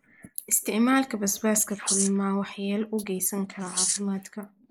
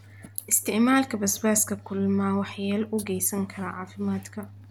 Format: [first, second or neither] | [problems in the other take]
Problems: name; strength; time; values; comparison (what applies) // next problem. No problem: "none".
second | noise reduction (neural mask model Resemble Enhance denoiser)